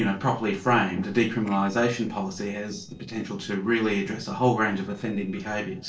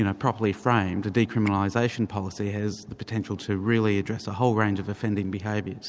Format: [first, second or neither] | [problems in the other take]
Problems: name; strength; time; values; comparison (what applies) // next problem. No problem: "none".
second | noise reduction (neural separator model SepFormer DNS4)